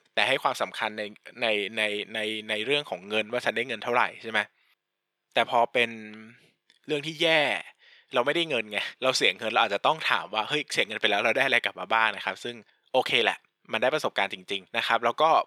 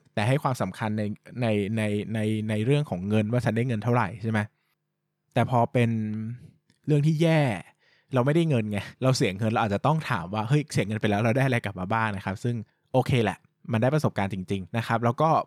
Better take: second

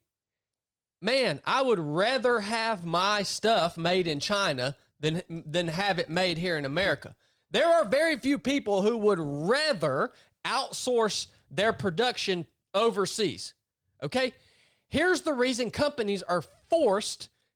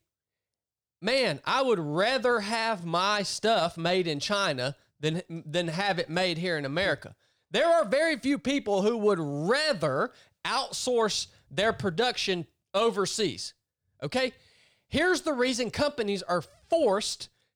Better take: second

